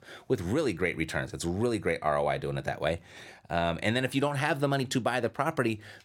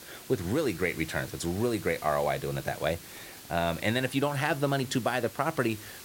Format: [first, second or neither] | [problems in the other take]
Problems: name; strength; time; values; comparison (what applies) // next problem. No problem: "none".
first | hiss; noticeable; throughout; 15 dB below the speech